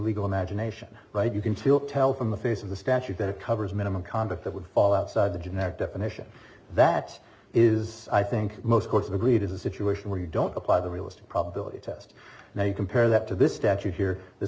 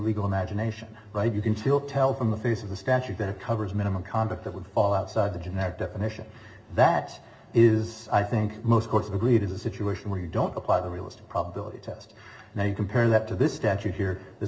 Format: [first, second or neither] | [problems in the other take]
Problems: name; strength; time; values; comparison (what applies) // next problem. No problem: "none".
first | room echo; dies away in 2 s